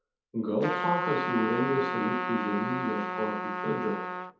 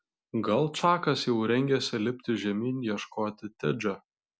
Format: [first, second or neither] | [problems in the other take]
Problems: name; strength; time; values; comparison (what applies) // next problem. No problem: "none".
second | background sound (Trumpet); 2 dB below the speech // room echo; dies away in 0.8 s